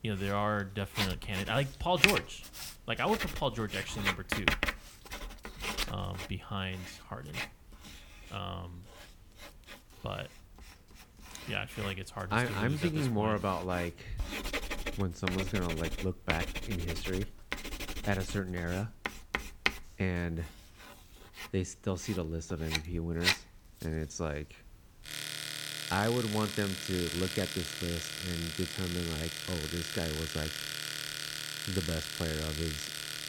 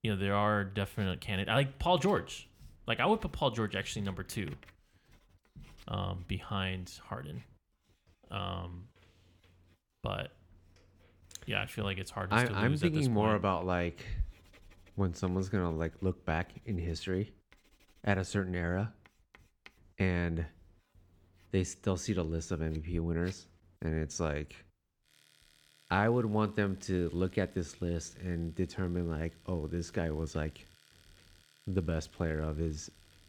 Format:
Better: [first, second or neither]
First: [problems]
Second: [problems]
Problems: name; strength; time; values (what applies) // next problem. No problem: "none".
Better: second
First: household noises; loud; throughout; 1 dB below the speech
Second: household noises; faint; throughout; 30 dB below the speech